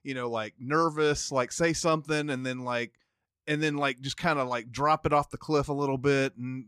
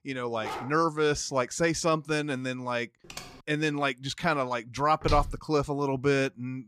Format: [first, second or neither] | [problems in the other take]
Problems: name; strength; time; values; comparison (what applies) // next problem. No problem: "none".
first | dog barking; noticeable; at 0.5 s; peak 9 dB below the speech // keyboard typing; faint; at 3 s; peak 15 dB below the speech // footsteps; noticeable; at 5 s; peak 6 dB below the speech